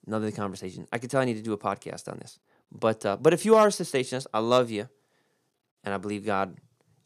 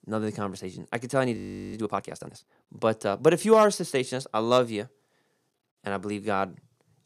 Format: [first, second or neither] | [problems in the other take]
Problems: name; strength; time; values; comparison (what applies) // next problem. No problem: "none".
first | audio freezing; at 1.5 s